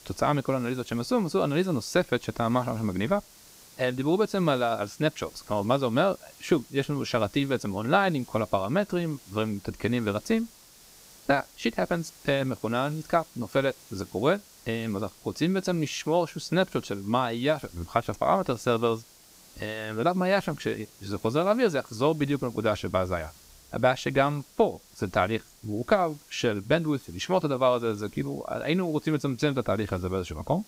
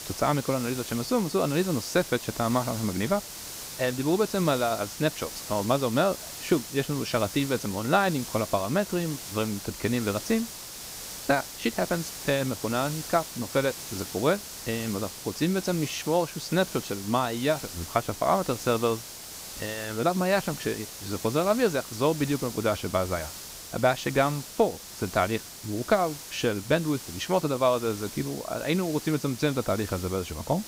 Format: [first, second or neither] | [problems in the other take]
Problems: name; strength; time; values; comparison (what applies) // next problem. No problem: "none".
first | hiss; loud; throughout; 10 dB below the speech; faint in the first